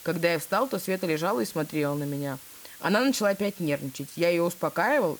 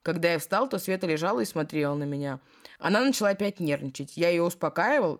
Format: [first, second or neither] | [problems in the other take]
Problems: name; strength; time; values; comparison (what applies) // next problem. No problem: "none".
second | hiss; noticeable; throughout; 15 dB below the speech